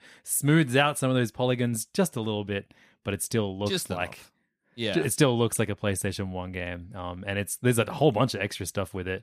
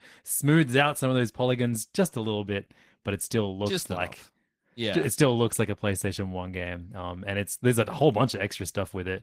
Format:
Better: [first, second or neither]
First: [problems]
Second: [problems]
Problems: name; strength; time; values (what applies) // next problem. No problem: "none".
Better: first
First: none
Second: garbled, watery; slightly; nothing above 15.5 kHz